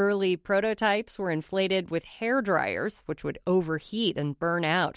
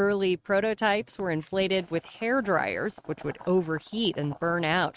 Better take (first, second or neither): first